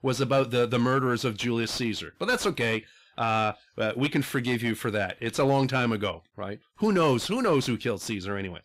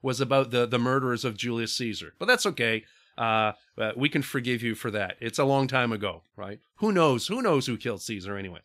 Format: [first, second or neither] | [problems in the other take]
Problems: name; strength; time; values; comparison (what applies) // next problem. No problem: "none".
second | distortion; slight; 10 dB below the speech